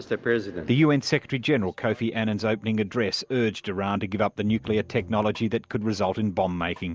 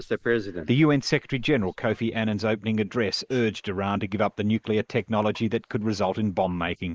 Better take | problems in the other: first | noise reduction (neural mask model Resemble Enhance denoiser)

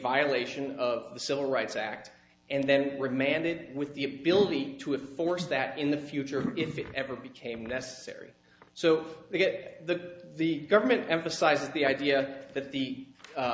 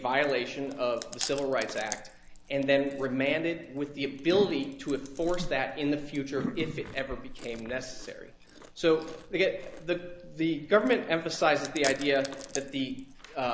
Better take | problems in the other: first | background sound (Chewing, mastication); 14 dB below the speech

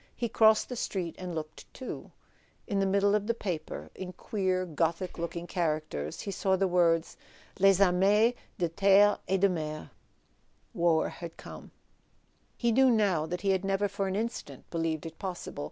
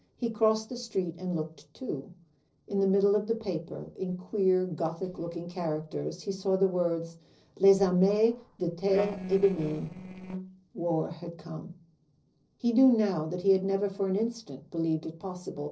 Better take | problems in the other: first | noise reduction (neural separator model SepFormer DNS4)

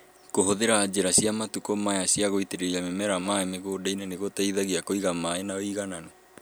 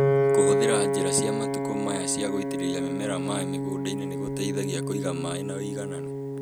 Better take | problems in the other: first | background sound (Piano); 5 dB above the speech

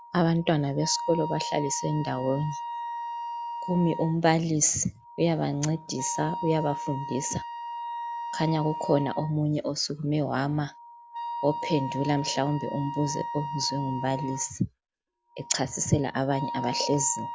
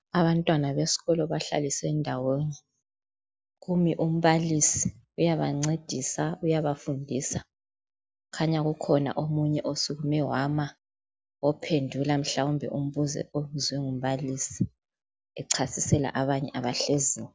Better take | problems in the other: second | background sound (Wind instrument, woodwind instrument); 8 dB below the speech

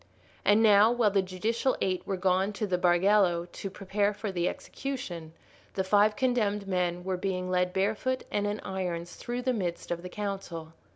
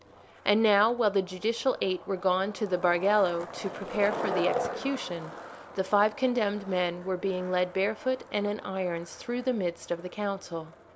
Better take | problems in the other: first | background sound (Skateboard); 11 dB below the speech

